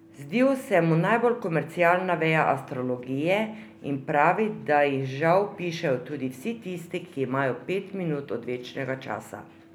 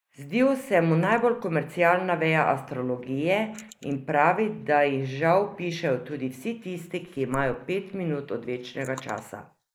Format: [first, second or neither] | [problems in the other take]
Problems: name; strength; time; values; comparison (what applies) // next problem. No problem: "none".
first | noise reduction (neural mask model Resemble Enhance denoiser)